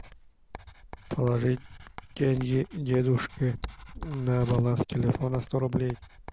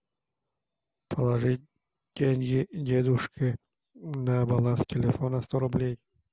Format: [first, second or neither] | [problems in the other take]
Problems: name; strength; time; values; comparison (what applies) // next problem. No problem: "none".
second | background sound (Writing); 16 dB below the speech